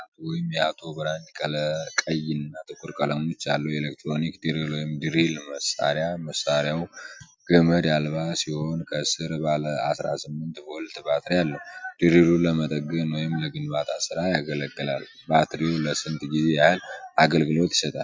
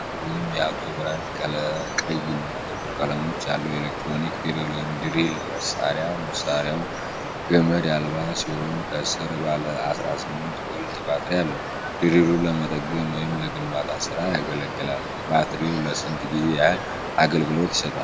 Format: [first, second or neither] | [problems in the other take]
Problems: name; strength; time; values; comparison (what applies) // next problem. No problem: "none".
first | background sound (Water); 5 dB below the speech